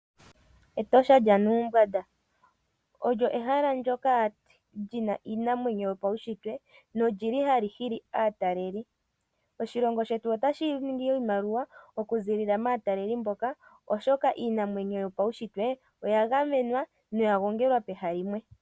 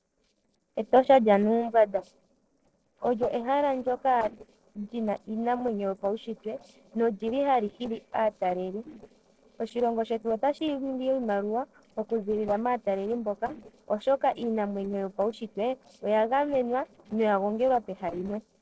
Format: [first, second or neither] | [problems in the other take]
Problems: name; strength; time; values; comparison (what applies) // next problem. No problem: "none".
first | noise reduction (neural separator model SepFormer DNS4)